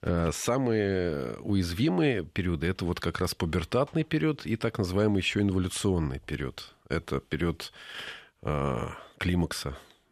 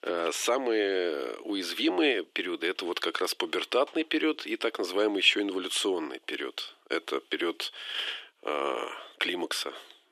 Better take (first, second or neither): first